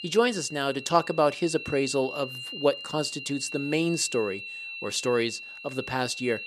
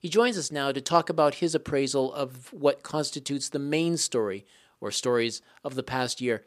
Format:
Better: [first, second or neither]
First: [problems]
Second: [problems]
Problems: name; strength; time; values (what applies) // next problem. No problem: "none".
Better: second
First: high-pitched whine; loud; throughout; 2.5 kHz, 9 dB below the speech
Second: none